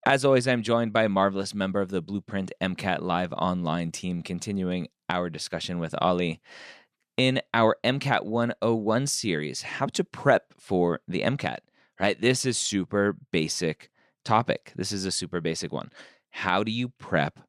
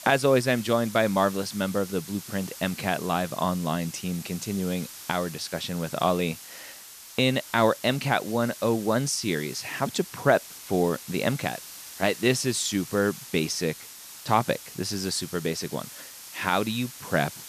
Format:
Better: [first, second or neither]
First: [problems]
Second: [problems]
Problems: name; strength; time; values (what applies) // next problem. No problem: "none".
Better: first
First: none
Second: hiss; noticeable; throughout; 15 dB below the speech